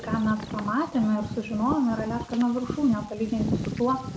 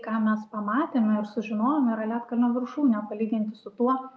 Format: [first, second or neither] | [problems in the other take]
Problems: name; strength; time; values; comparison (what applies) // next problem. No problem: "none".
second | background sound (Bird vocalization, bird call, bird song); 7 dB below the speech